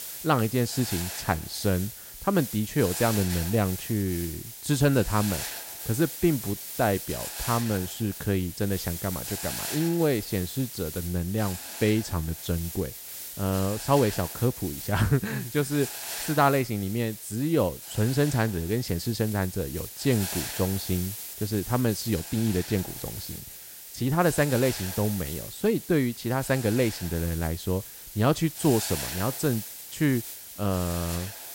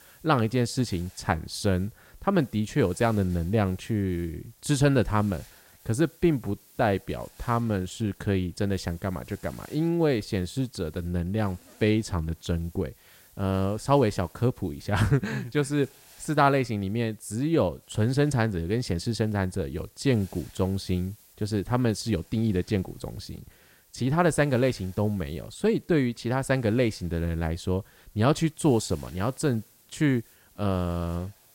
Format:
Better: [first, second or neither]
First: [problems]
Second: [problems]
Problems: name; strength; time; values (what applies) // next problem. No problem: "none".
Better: second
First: hiss; loud; throughout; 8 dB below the speech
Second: hiss; faint; throughout; 25 dB below the speech